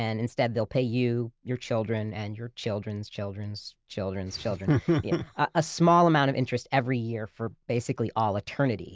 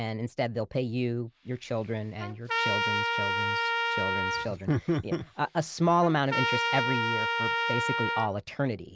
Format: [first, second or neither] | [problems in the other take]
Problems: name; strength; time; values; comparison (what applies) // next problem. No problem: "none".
first | background sound (Trumpet); 1 dB below the speech